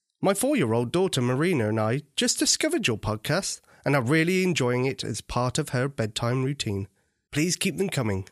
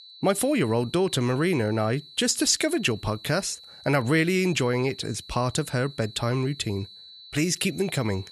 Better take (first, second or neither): first